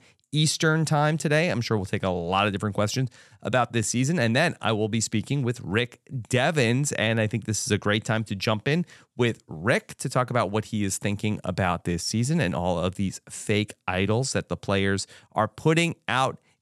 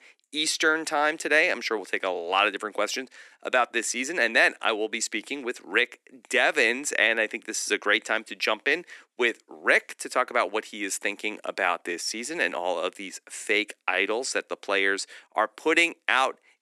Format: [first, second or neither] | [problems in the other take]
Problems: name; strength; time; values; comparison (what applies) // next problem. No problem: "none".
first | thin; very; fading below 300 Hz